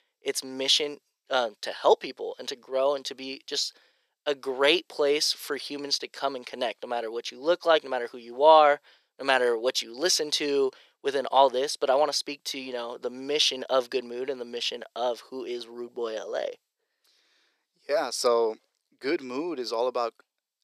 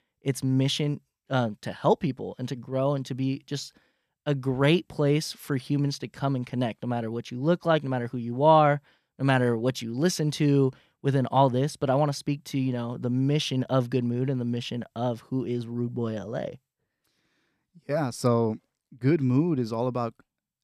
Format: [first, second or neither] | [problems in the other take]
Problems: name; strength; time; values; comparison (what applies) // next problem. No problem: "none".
second | thin; very; fading below 400 Hz